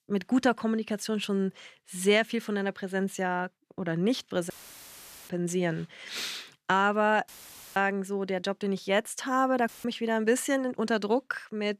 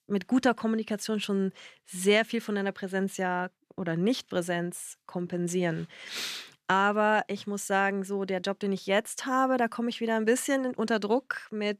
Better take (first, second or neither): second